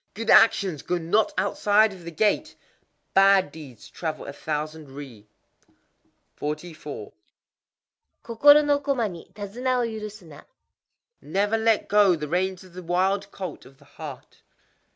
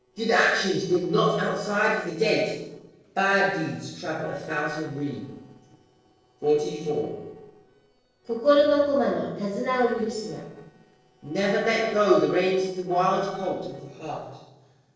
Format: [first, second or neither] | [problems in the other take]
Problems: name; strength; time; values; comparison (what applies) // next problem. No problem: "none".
first | noise reduction (neural separator model SepFormer DNS4)